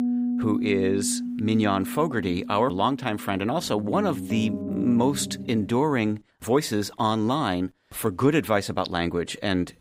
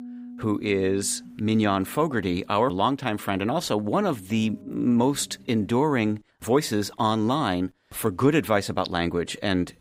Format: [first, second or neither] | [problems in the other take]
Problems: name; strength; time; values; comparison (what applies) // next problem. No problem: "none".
second | background music; loud; until 5.5 s; 7 dB below the speech; faint in the second